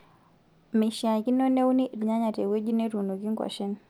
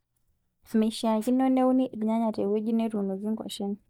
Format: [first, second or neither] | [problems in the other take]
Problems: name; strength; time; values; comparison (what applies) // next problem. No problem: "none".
first | noise reduction (neural mask model DeepFilterNet 3)